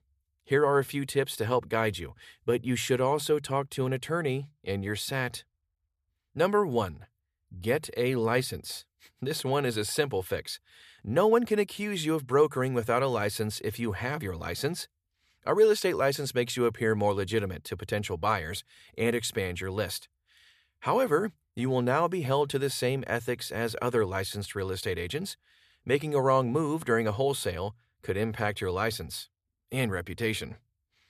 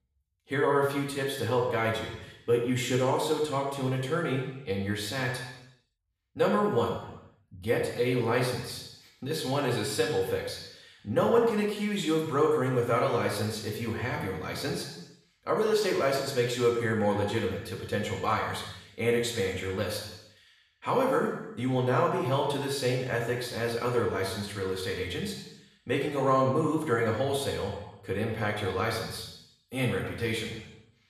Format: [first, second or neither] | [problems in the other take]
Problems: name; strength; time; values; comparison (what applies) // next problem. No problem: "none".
first | room echo; noticeable; dies away in 0.9 s // off-mic speech; far